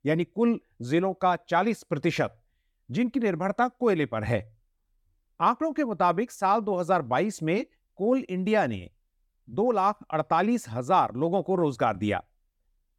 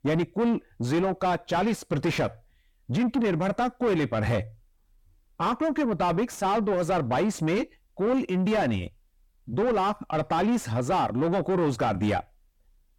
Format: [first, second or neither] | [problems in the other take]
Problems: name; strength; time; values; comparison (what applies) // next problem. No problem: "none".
first | distortion; heavy; 6 dB below the speech